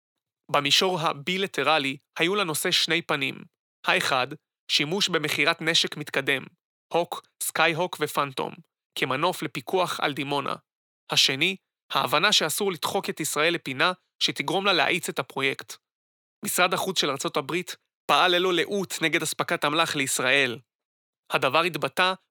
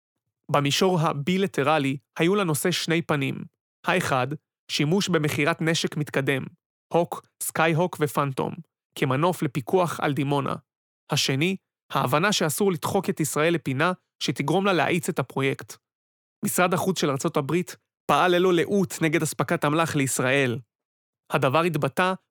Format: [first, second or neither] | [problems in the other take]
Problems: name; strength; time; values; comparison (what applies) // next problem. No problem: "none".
second | thin; somewhat; fading below 450 Hz